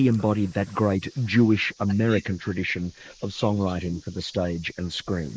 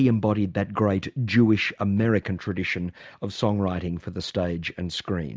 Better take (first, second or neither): second